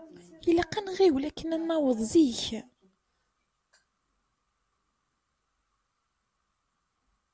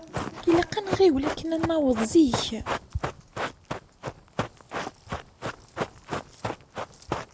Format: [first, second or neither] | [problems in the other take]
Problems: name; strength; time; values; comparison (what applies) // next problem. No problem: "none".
first | background sound (Run); 6 dB below the speech